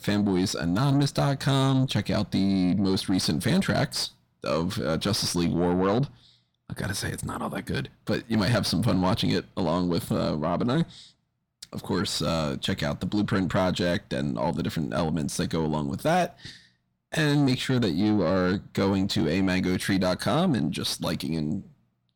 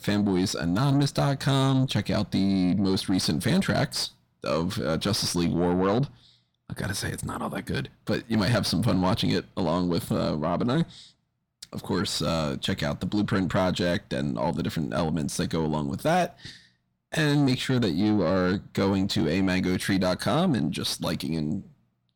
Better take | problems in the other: neither | distortion; slight; 10 dB below the speech; the same in both

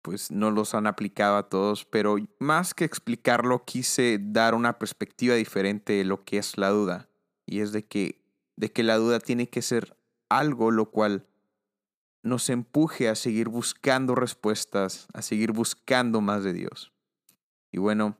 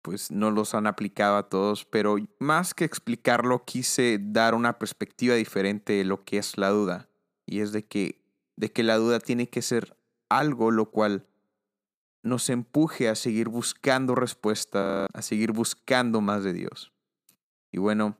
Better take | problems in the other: first | audio freezing; at 15 s

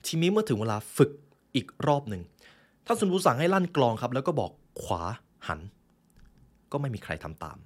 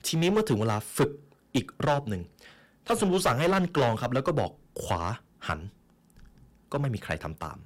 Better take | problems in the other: first | distortion; heavy; 5% of the sound clipped

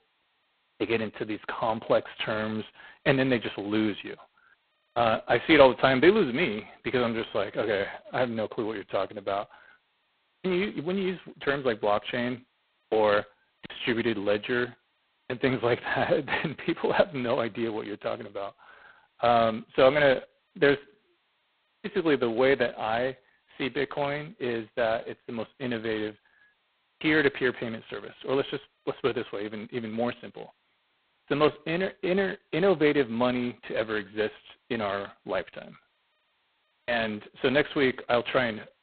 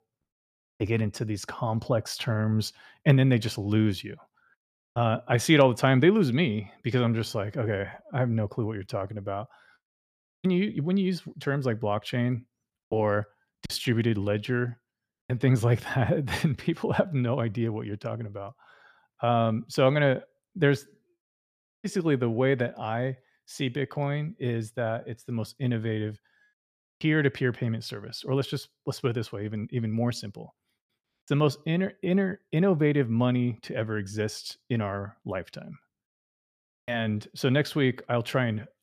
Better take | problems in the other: second | phone-call audio; poor line; nothing above 4 kHz

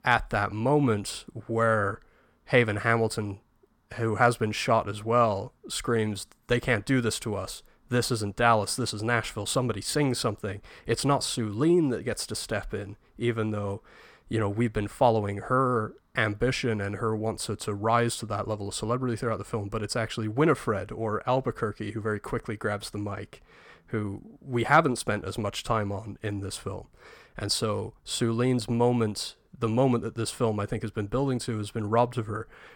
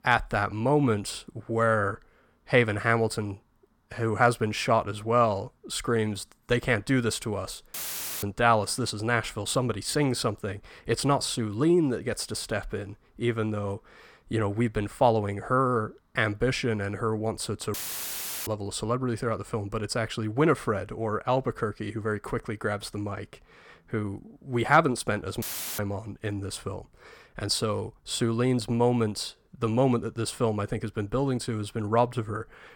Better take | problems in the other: first | audio cutting out; filled with static; at 7.5 s, at 18 s for 0.5 s and at 25 s

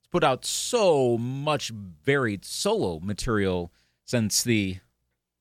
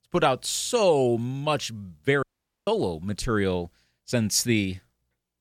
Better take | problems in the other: first | audio cutting out; at 2 s

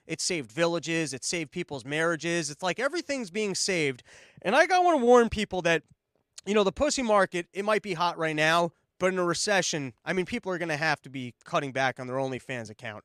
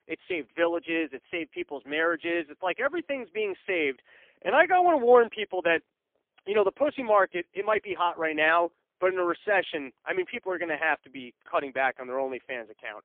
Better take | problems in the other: first | phone-call audio; poor line; nothing above 3 kHz

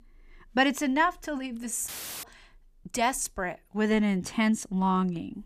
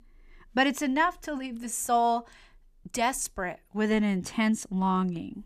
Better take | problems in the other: second | audio cutting out; filled with static; at 2 s

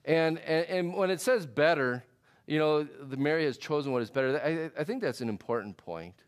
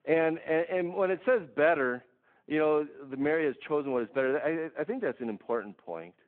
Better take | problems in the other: first | phone-call audio

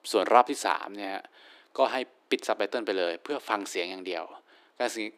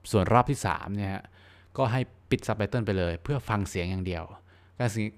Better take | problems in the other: second | thin; very; fading below 300 Hz

